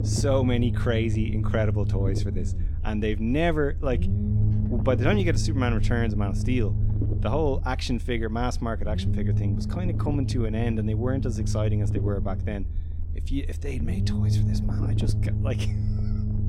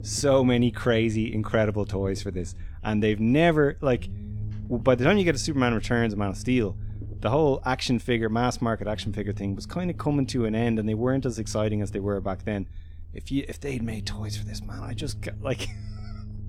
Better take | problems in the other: second | low rumble; loud; throughout; 8 dB below the speech; faint in the second

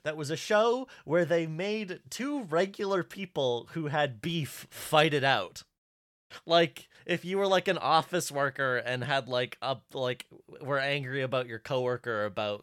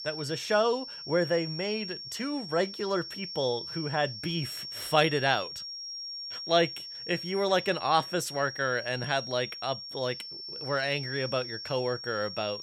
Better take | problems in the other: first | high-pitched whine; loud; throughout; 5.5 kHz, 8 dB below the speech

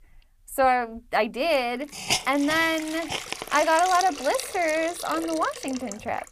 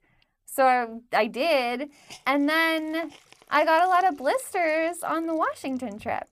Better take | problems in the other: second | hiss; loud; throughout; 7 dB below the speech; faint in the second

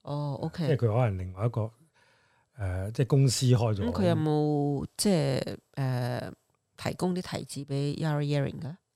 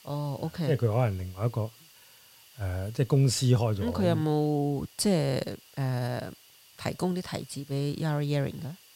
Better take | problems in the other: first | hiss; faint; throughout; 25 dB below the speech

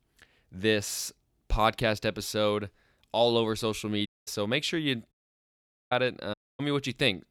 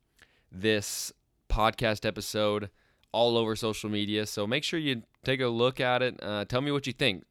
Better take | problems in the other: second | audio cutting out; at 4 s, at 5 s for 1 s and at 6.5 s

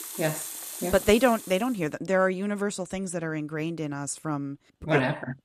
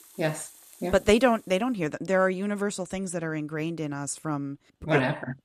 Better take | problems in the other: second | household noises; loud; until 1.5 s; 9 dB below the speech; faint in the second

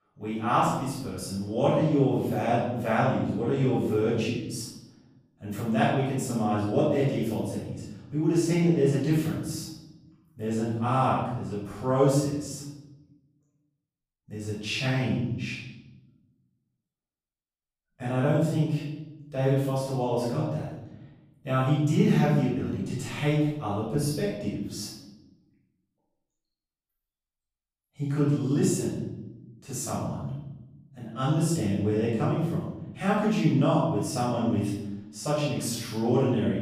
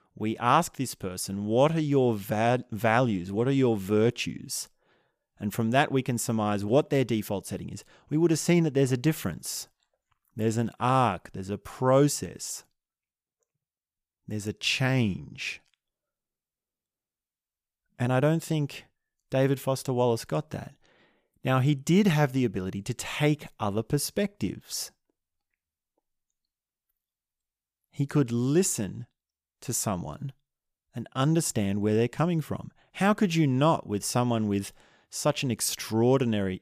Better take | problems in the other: second | off-mic speech; far // room echo; strong; dies away in 1 s

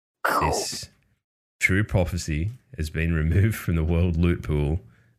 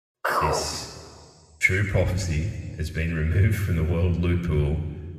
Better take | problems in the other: first | room echo; slight; dies away in 1.7 s

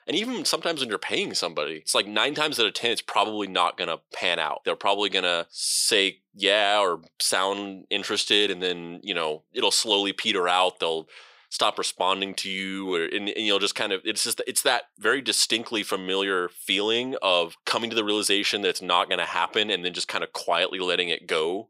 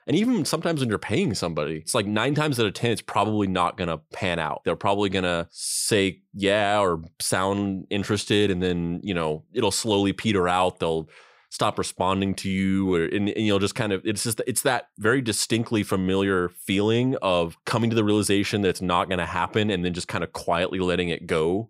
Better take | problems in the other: second | thin; somewhat; fading below 400 Hz

